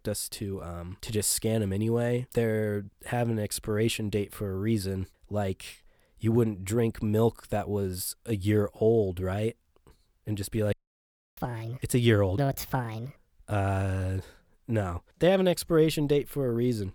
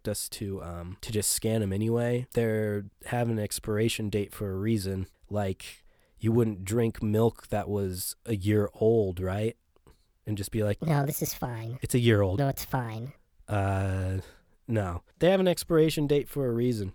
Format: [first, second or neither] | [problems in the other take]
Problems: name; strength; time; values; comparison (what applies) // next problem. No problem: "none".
second | audio cutting out; at 11 s for 0.5 s